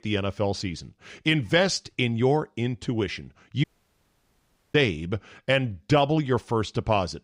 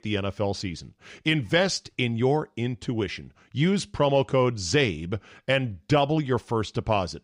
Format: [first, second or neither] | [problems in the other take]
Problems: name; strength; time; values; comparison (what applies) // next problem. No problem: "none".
second | audio cutting out; at 3.5 s for 1 s